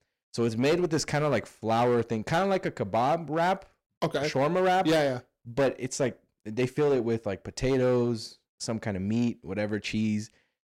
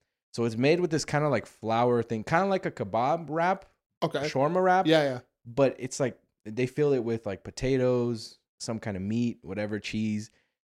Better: second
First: distortion; slight; 8% of the sound clipped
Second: none

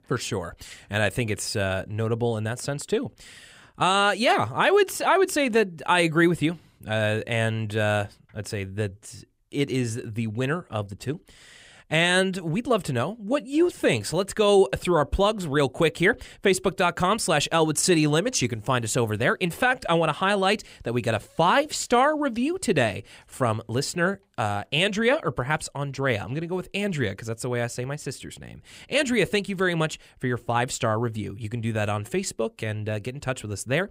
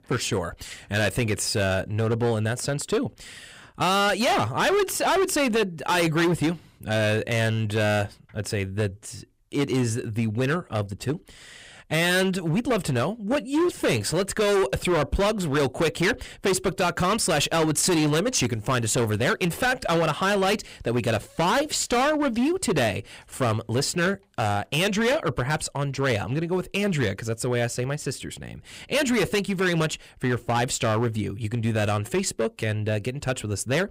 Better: first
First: none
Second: distortion; heavy; 14% of the sound clipped

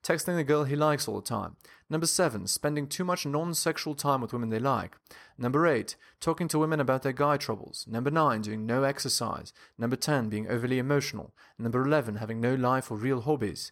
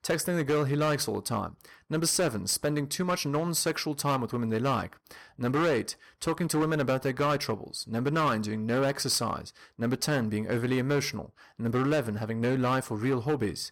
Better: first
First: none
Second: distortion; slight; 8% of the sound clipped

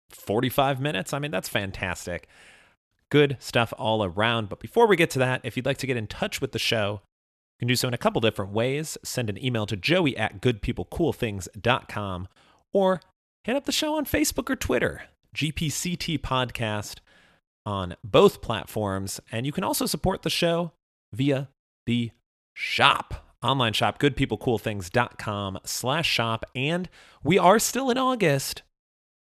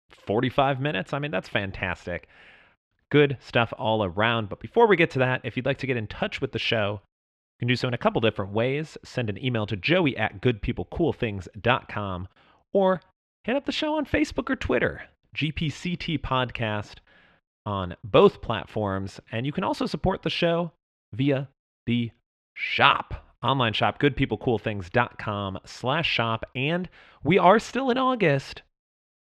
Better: first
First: none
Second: muffled; slightly; fading above 2.5 kHz

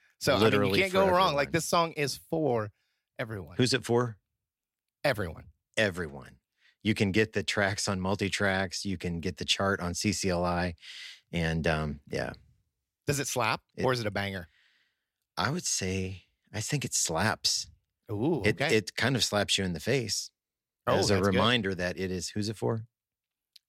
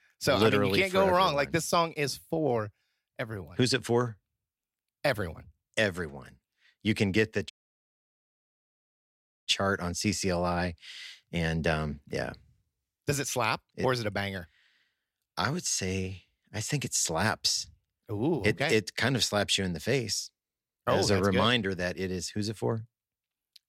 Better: first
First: none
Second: audio cutting out; at 7.5 s for 2 s

